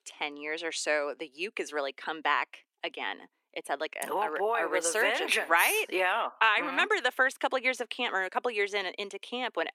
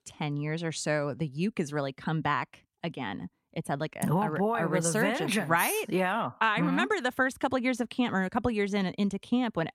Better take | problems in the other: second | thin; very; fading below 350 Hz

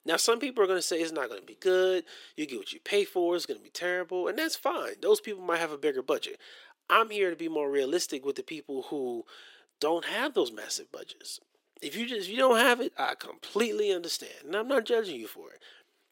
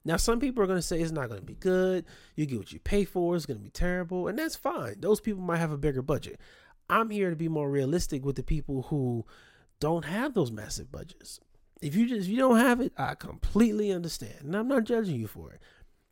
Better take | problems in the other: second | thin; somewhat; fading below 350 Hz

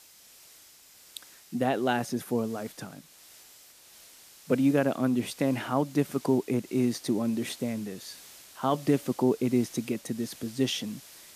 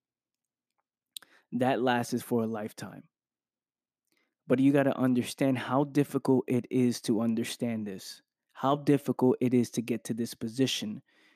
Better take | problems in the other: second | hiss; faint; throughout; 20 dB below the speech

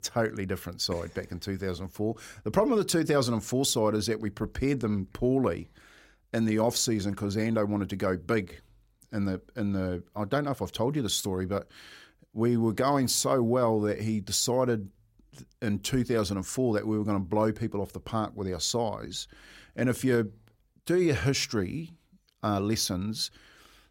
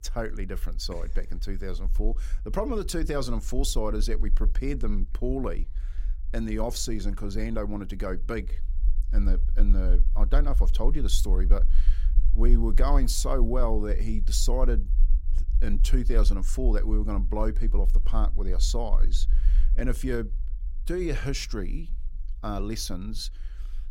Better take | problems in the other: first | low rumble; faint; throughout; 20 dB below the speech

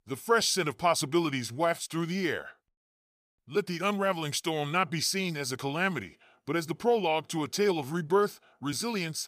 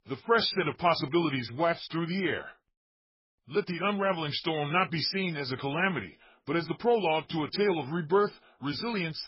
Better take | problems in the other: first | garbled, watery; badly; nothing above 5.5 kHz

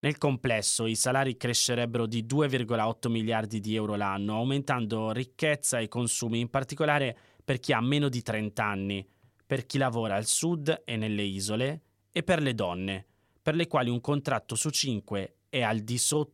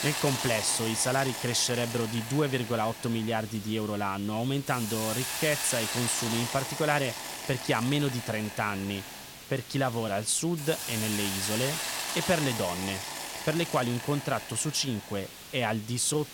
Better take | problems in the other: first | hiss; loud; throughout; 5 dB below the speech

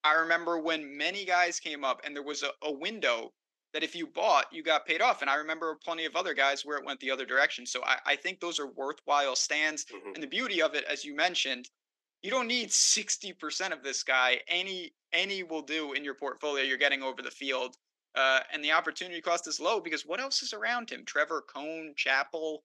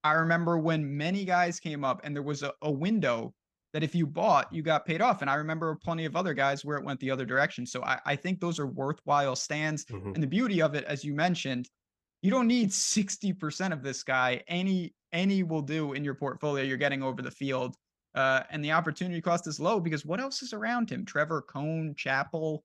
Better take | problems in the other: second | thin; very; fading below 300 Hz

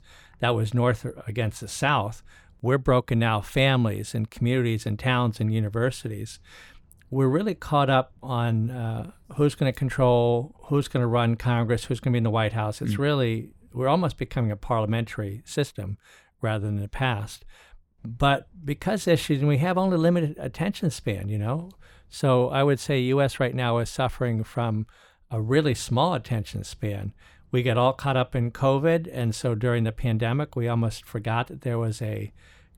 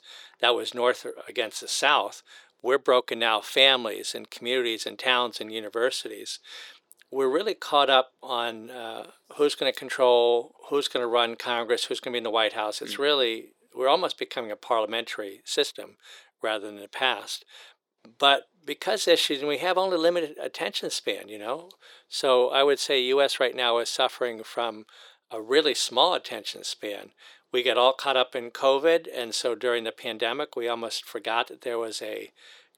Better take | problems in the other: first | thin; very; fading below 400 Hz

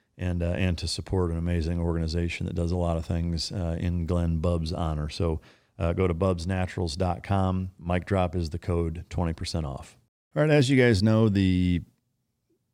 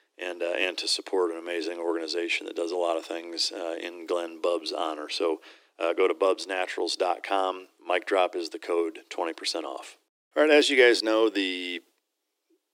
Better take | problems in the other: first | thin; very; fading below 300 Hz

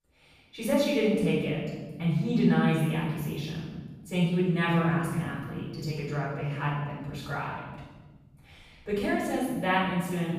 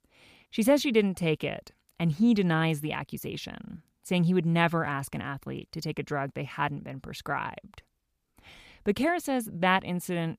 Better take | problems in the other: second | off-mic speech; far // room echo; strong; dies away in 1.5 s

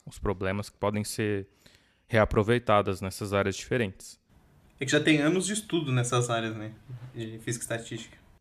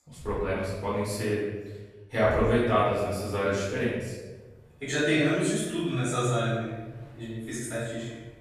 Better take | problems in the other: first | off-mic speech; far // room echo; strong; dies away in 1 s

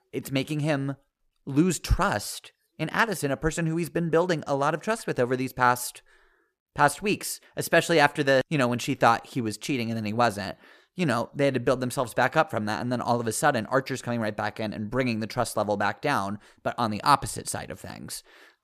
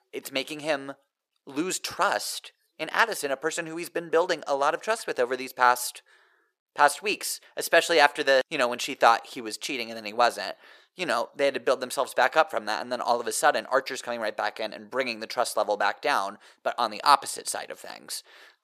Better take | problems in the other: first | thin; somewhat; fading below 550 Hz

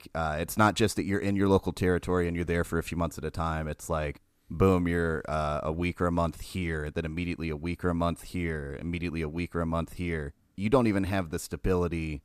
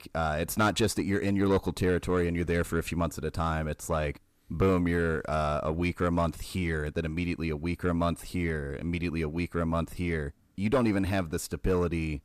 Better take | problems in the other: first | distortion; slight; 10 dB below the speech

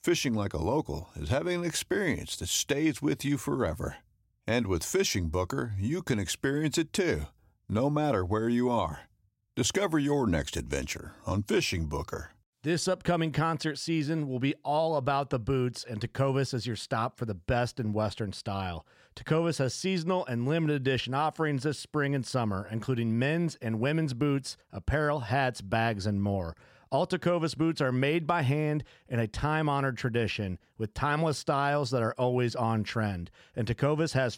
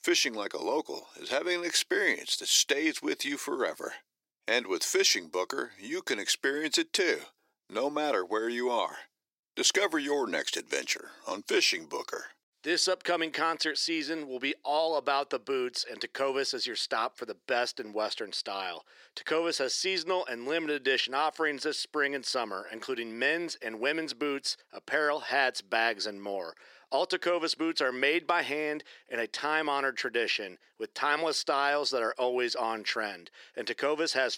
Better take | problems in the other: first | thin; somewhat; fading below 350 Hz

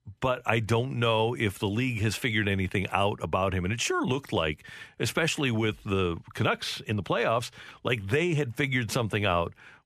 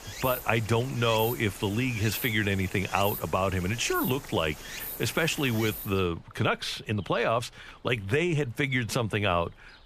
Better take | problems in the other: first | rain or running water; noticeable; throughout; 10 dB below the speech

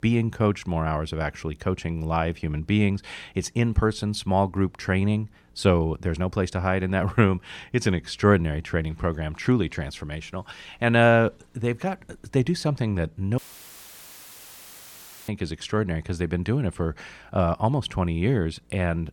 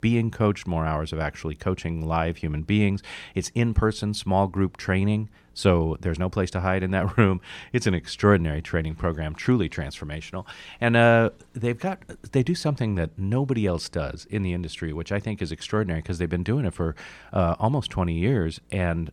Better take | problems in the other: second | audio cutting out; filled with static; at 13 s for 2 s

